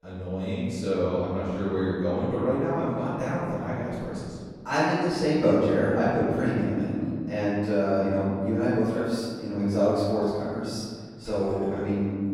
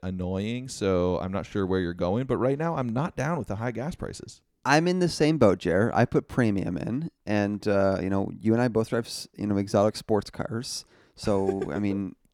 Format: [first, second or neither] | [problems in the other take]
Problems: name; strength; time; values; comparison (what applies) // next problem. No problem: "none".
second | off-mic speech; far // room echo; strong; dies away in 1.9 s